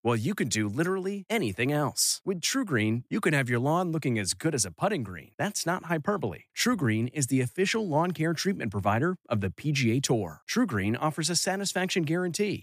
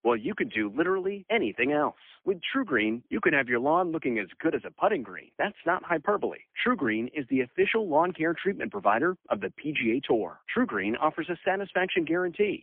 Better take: first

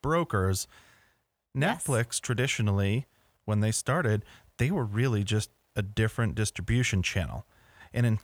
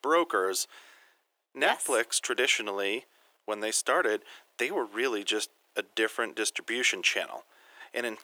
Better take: first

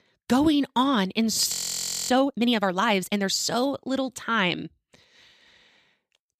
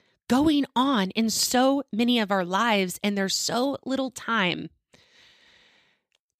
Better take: second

